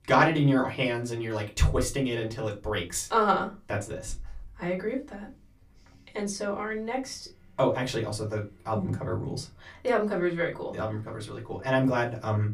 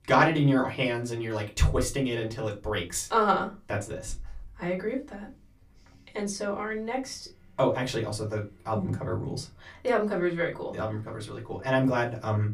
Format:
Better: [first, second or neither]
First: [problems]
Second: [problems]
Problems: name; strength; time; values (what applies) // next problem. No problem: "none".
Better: neither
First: off-mic speech; far // room echo; very slight; dies away in 0.2 s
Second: off-mic speech; far // room echo; very slight; dies away in 0.2 s